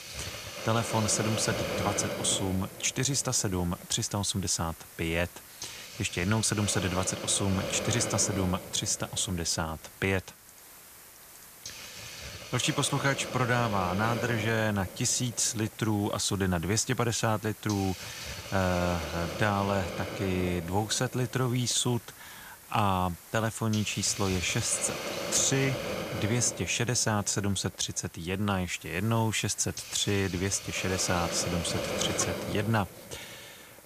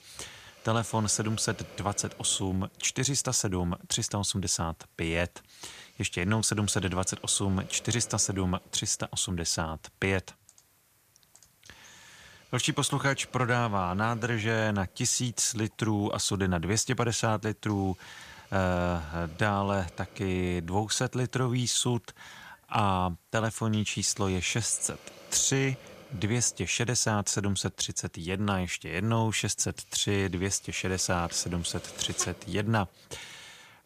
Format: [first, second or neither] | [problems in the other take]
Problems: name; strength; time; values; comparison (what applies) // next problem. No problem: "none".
second | hiss; loud; throughout; 9 dB below the speech; faint in the second